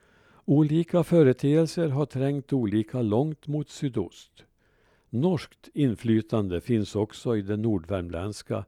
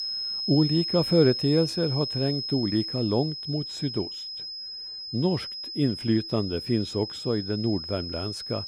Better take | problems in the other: first | high-pitched whine; loud; throughout; 5 kHz, 5 dB below the speech

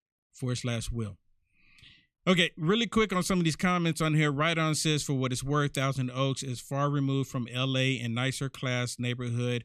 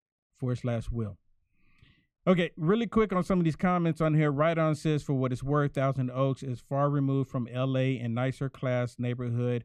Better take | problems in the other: first | muffled; very; fading above 2 kHz

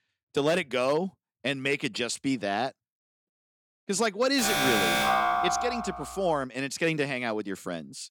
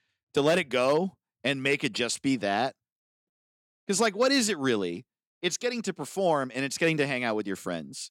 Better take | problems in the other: second | alarm; loud; from 4.5 to 6 s; peak 6 dB above the speech

